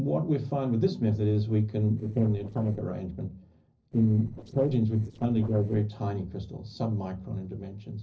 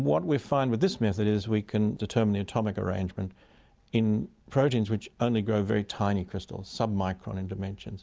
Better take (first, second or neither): second